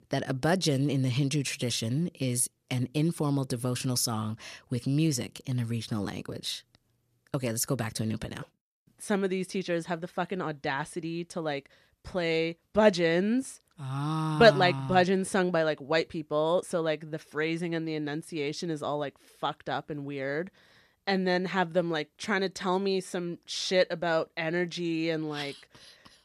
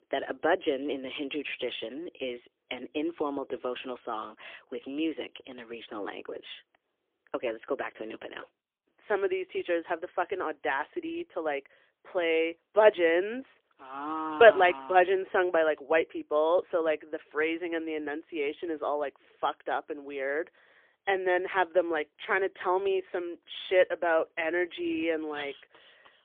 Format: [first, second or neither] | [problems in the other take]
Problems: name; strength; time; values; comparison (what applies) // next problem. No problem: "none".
first | phone-call audio; poor line; nothing above 3.5 kHz